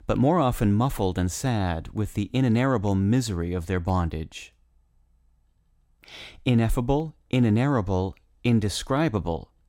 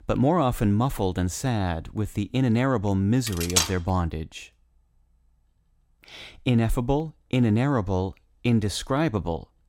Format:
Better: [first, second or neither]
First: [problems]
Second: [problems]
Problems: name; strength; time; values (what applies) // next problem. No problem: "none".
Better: first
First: none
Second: clattering dishes; loud; at 3.5 s; peak 2 dB above the speech